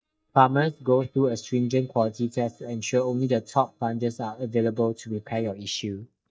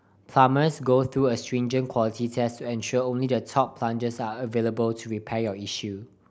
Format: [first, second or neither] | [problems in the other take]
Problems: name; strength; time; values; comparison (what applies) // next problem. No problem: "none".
second | noise reduction (neural mask model DeepFilterNet 3)